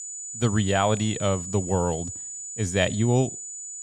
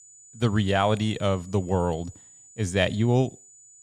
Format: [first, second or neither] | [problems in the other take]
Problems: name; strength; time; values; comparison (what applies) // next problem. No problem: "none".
second | high-pitched whine; loud; throughout; 7 kHz, 8 dB below the speech; faint in the second